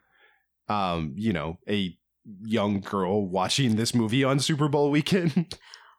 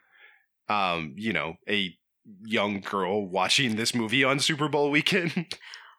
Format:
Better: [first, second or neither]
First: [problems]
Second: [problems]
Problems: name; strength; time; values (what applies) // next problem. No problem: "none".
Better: first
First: none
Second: thin; very slightly; fading below 600 Hz